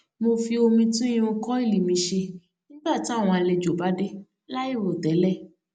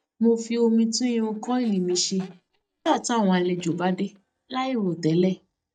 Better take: first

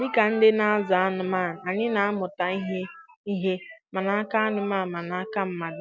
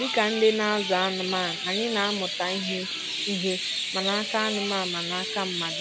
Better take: first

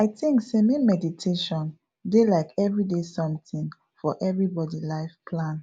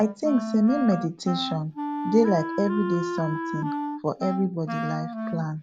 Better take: first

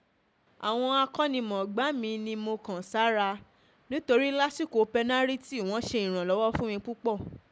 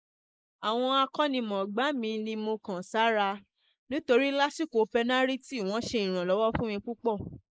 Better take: first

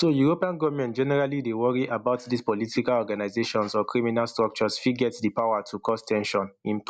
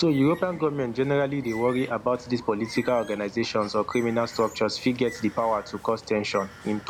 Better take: first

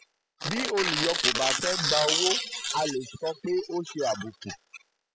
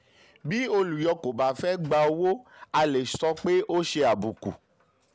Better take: second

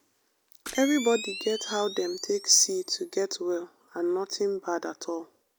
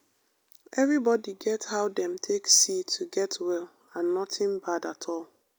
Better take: second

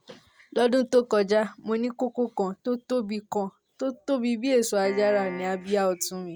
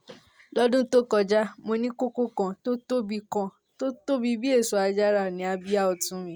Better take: second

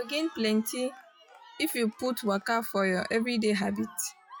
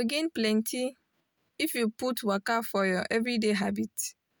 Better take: second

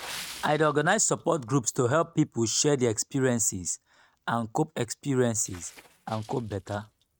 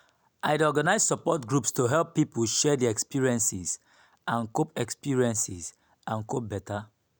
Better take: second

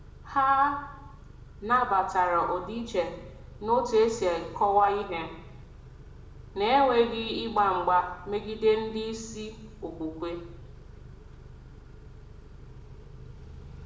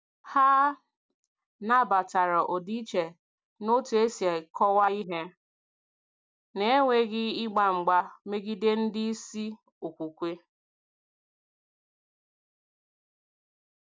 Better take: second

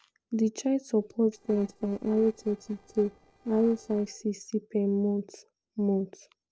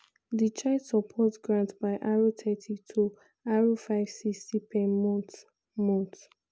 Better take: second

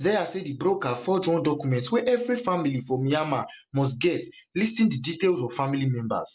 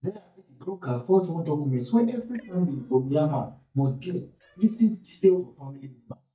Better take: first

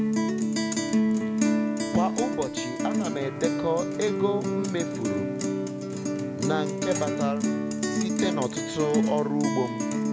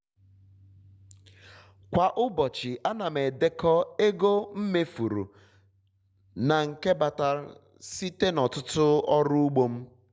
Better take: second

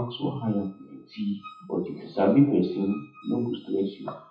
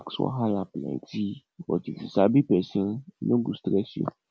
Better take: second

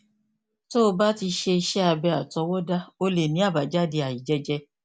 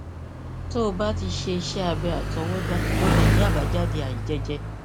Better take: first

